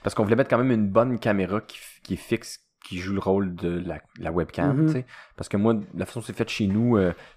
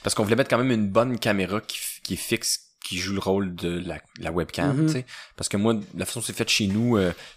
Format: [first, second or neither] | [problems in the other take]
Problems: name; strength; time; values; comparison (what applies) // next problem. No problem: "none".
second | muffled; slightly; fading above 2.5 kHz